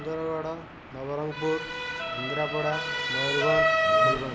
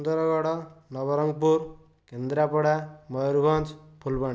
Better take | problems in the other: second | background sound (Motor vehicle (road) / Siren); 4 dB above the speech

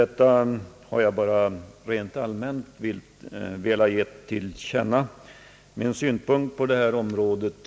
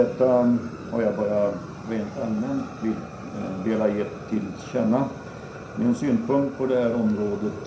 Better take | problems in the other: first | background sound (Fire); 13 dB below the speech // room echo; dies away in 0.5 s

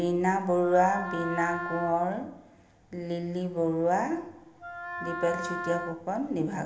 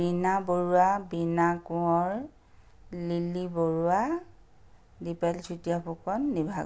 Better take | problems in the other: second | background sound (Wind instrument, woodwind instrument); 8 dB below the speech // room echo; dies away in 0.8 s

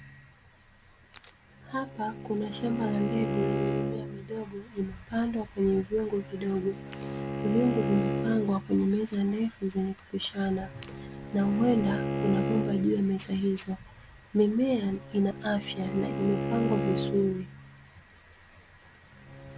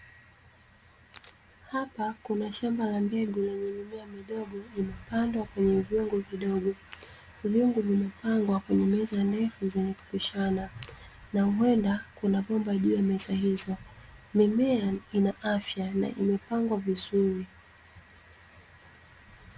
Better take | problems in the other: second | background sound (Bowed string instrument); 5 dB below the speech

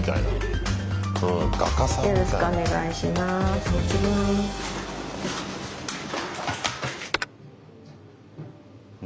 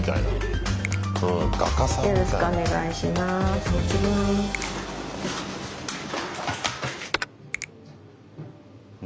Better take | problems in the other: first | background sound (Finger snapping); 16 dB below the speech

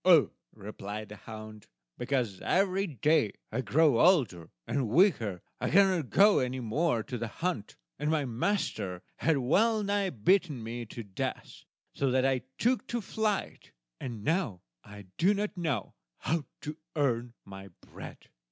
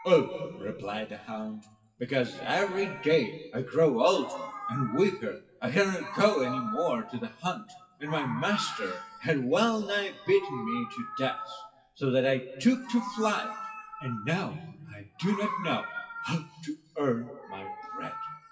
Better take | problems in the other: first | noise reduction (classical method WPE with log-MMSE)

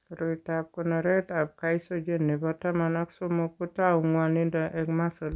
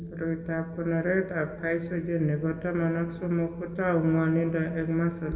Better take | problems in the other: first | background sound (Wind); 10 dB below the speech // room echo; dies away in 1.6 s

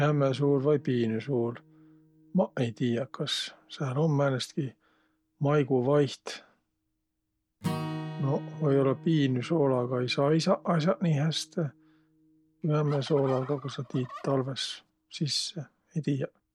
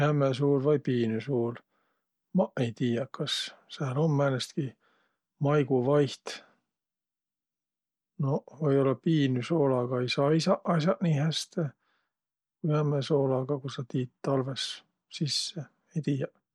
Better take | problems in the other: second | background sound (Fowl + Acoustic guitar / Strum); 16 dB below the speech

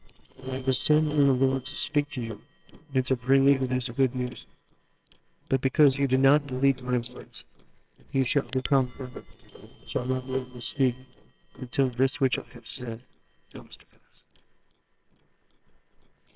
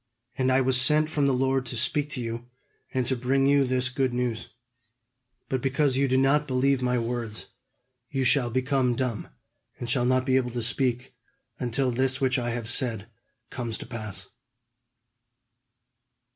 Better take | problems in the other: second | noise reduction (neural separator model SepFormer WHAMR!)

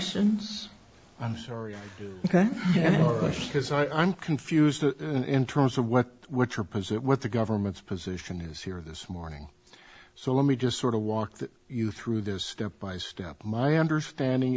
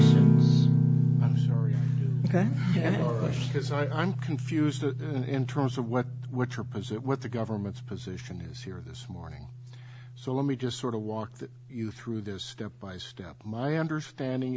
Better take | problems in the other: first | background sound (Guitar); 3 dB above the speech

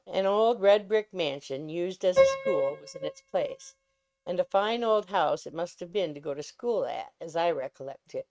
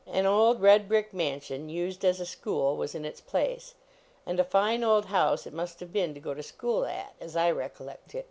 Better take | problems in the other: second | noise reduction (neural mask model RNNoise)

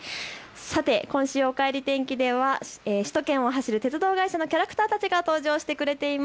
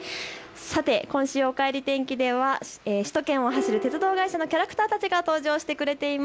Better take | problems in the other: first | background sound (Piano); 14 dB below the speech

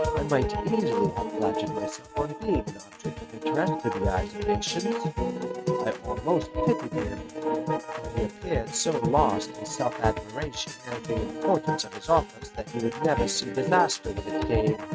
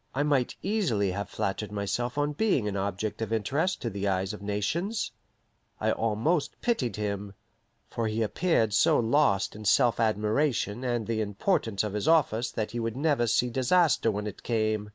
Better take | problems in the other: second | noise reduction (neural mask model RNNoise)

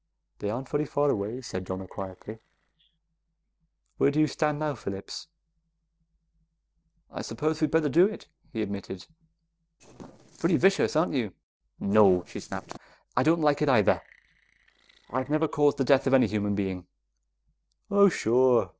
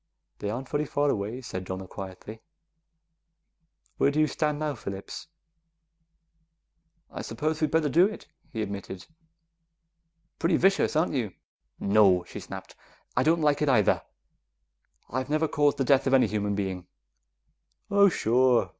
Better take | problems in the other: second | noise reduction (neural separator model SepFormer DNS4)

